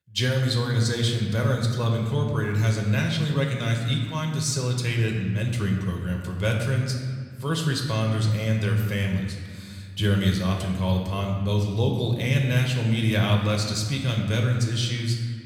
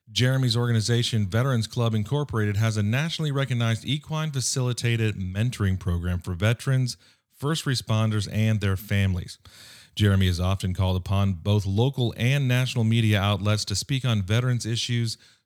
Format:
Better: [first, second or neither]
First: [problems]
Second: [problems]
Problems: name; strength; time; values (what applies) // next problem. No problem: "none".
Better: second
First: room echo; noticeable; dies away in 1.5 s // off-mic speech; somewhat distant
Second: none